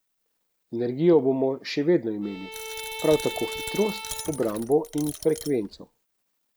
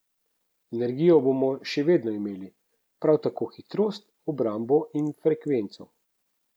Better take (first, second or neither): second